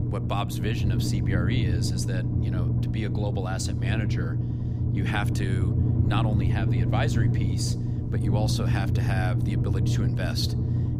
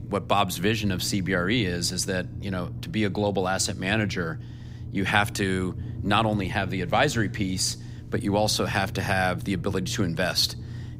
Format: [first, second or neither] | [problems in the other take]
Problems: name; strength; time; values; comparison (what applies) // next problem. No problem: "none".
second | low rumble; loud; throughout; 2 dB below the speech; faint in the second